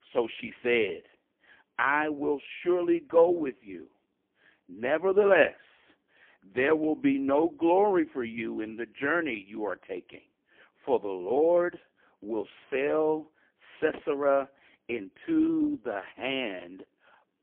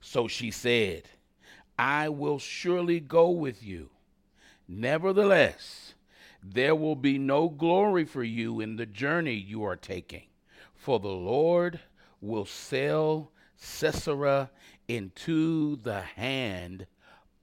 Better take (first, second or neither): second